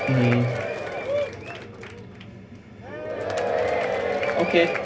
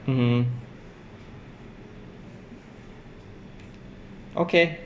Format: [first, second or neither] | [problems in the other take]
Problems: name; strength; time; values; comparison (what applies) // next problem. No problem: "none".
second | background sound (Applause / Crowd / Cheering); as loud as the speech // room echo; dies away in 0.4 s